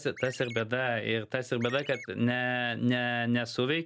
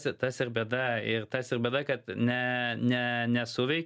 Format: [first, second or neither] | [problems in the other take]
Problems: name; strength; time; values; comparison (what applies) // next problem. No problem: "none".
second | background sound (Chirp, tweet); 14 dB below the speech